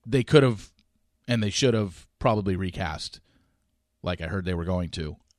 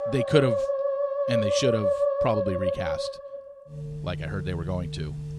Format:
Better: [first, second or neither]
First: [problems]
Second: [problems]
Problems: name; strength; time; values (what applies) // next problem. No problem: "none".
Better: first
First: none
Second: background music; very loud; throughout; 1 dB above the speech